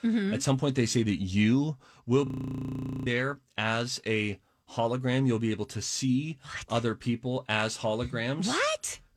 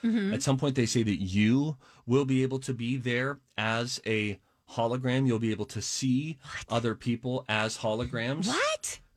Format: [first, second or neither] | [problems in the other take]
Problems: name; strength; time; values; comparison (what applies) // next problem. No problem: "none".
second | audio freezing; at 2.5 s for 1 s